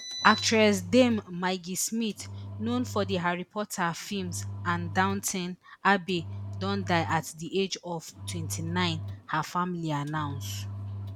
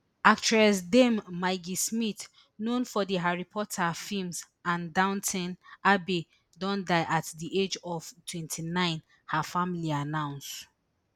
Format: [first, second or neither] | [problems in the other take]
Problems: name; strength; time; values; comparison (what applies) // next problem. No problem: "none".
second | background sound (Engine); 10 dB below the speech